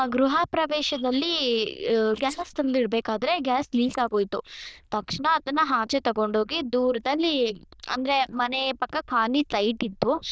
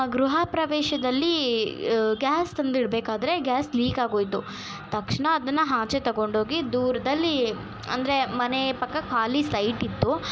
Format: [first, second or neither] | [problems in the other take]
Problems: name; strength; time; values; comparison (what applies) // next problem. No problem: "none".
second | noise reduction (neural diffusion model UNIVERSE++)